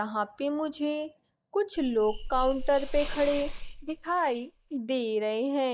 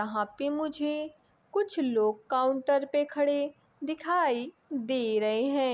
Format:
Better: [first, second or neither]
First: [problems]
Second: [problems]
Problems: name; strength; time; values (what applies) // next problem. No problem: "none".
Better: second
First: noise reduction (neural mask model DeepFilterNet 3)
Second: none